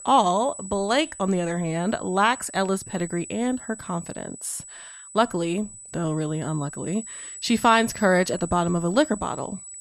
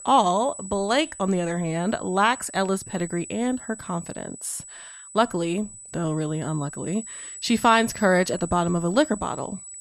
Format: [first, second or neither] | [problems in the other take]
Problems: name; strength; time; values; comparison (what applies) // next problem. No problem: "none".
neither | high-pitched whine; noticeable; throughout; 8 kHz, 15 dB below the speech; the same in both